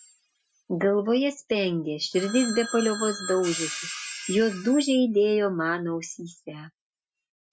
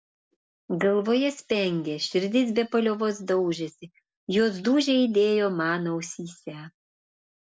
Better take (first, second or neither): second